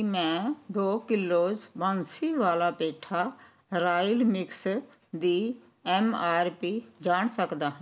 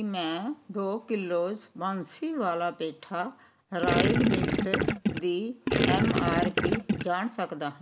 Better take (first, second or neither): first